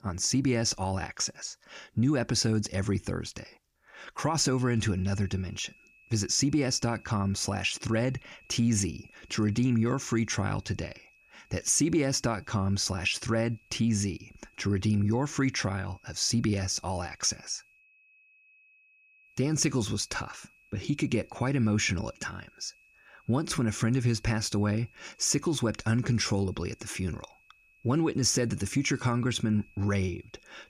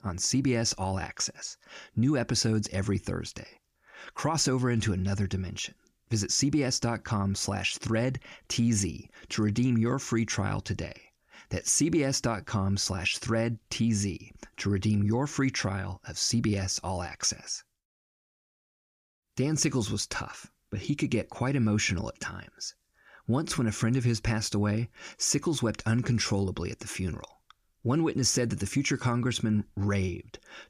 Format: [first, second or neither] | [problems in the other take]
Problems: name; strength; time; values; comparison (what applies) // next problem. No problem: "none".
second | high-pitched whine; faint; from 4.5 s on; 2.5 kHz, 30 dB below the speech